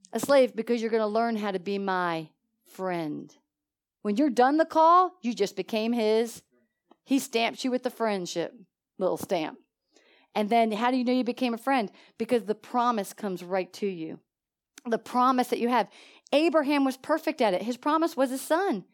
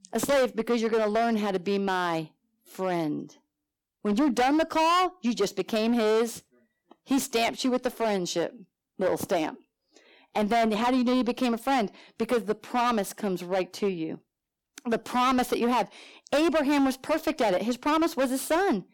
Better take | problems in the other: first | distortion; heavy; 12% of the sound clipped

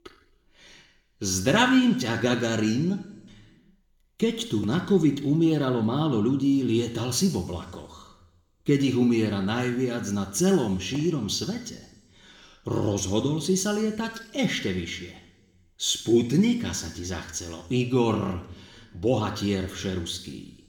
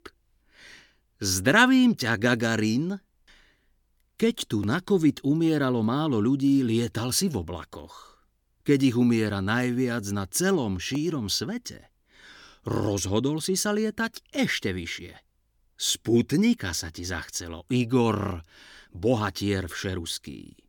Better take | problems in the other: second | room echo; slight; dies away in 1.1 s

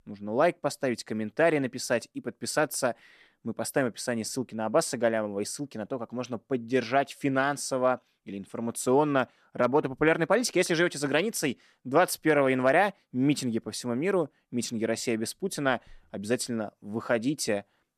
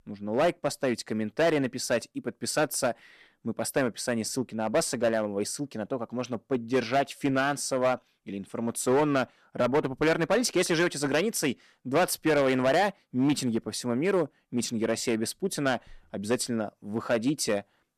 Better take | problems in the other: first | distortion; slight; 5% of the sound clipped

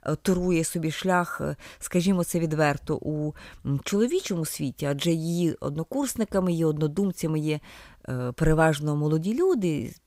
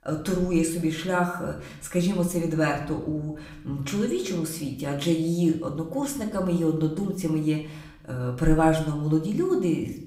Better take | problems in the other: first | room echo; slight; dies away in 0.6 s // off-mic speech; somewhat distant

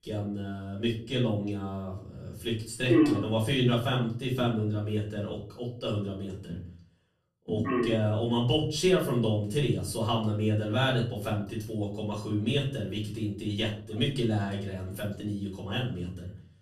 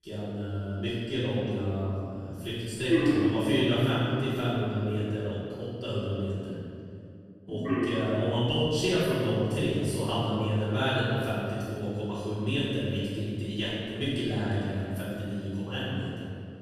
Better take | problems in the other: first | room echo; strong; dies away in 2.2 s; slight in the first // off-mic speech; far; far in the first

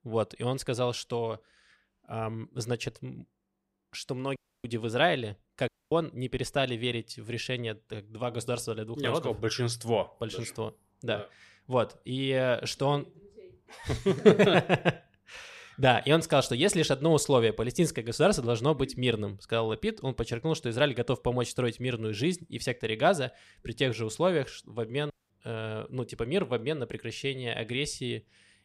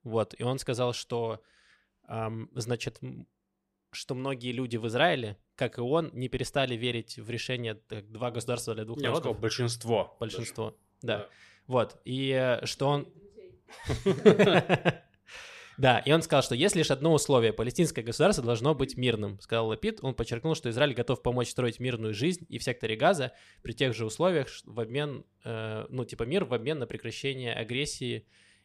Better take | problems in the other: second | audio cutting out; at 4.5 s, at 5.5 s and at 25 s

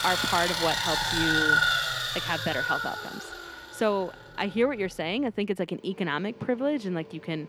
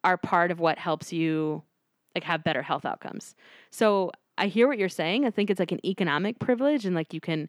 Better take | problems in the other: second | machinery noise; very loud; throughout; 4 dB above the speech

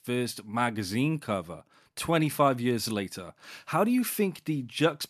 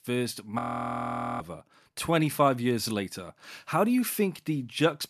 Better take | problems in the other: first | audio freezing; at 0.5 s for 1 s

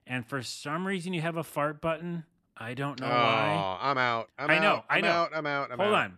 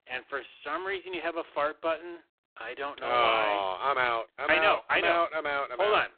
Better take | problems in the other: first | phone-call audio; poor line

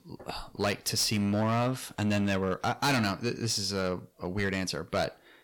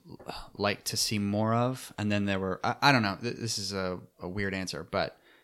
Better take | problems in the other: second | distortion; heavy; 9% of the sound clipped

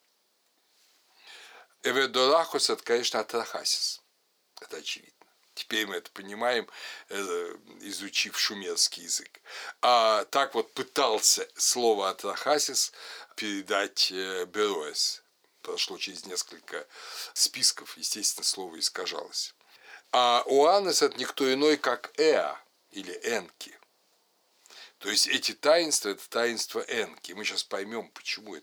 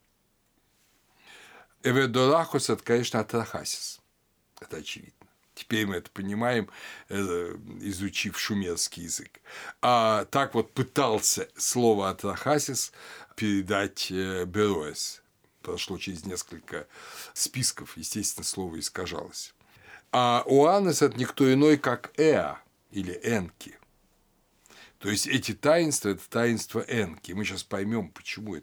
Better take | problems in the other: second | thin; somewhat; fading below 500 Hz

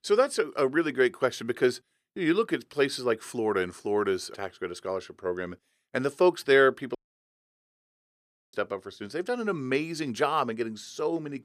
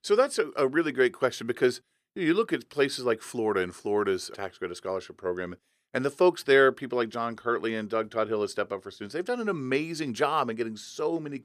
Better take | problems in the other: second | audio cutting out; at 7 s for 1.5 s

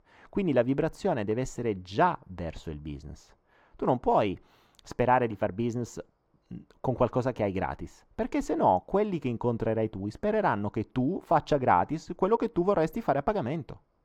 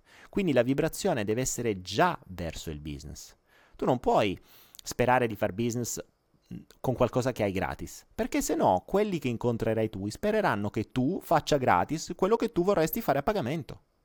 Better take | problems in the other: second | muffled; slightly; fading above 1.5 kHz

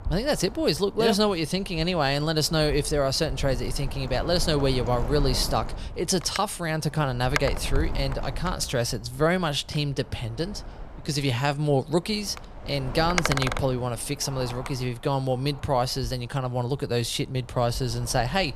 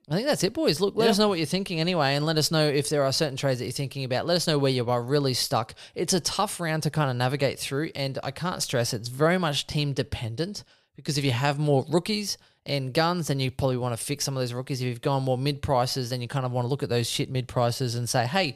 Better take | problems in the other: second | wind noise on the microphone; heavy; 8 dB below the speech

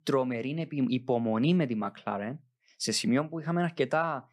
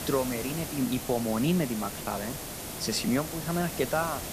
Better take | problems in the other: first | hiss; loud; throughout; 6 dB below the speech

